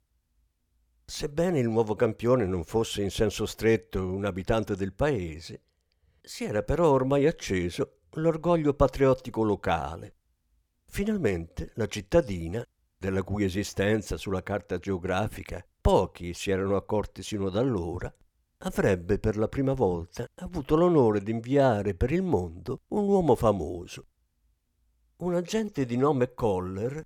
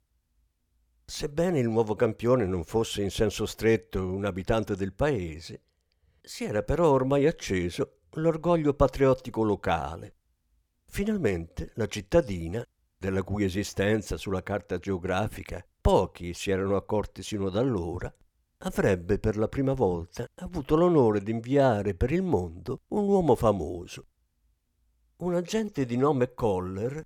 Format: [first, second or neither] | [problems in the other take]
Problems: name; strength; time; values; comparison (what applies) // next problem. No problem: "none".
neither | none